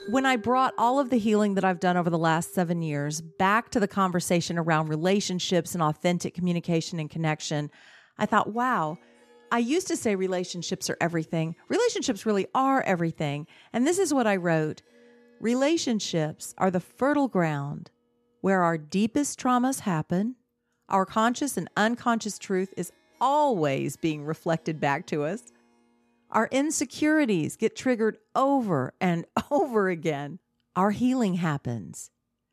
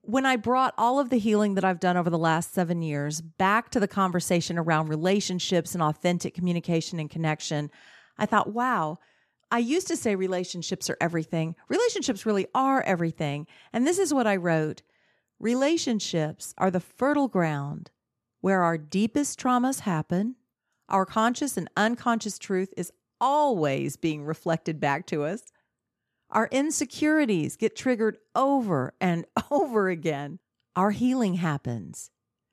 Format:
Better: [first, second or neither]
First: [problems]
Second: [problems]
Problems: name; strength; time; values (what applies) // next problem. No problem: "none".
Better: second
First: background music; faint; throughout; 30 dB below the speech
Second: none